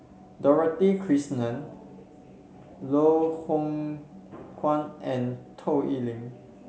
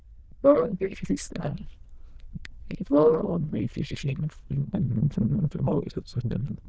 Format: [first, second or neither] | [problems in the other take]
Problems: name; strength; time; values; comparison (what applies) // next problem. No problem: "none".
first | noise reduction (neural diffusion model UNIVERSE++)